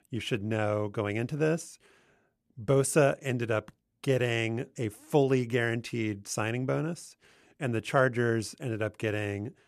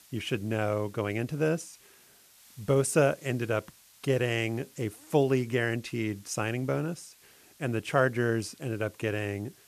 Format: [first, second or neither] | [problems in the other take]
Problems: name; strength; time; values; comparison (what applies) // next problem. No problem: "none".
first | hiss; faint; throughout; 25 dB below the speech